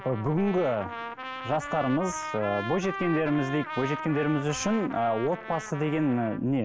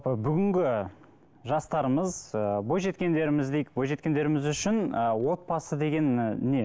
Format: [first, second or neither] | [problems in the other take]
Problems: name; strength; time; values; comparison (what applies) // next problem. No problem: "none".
second | background sound (Trumpet); 10 dB below the speech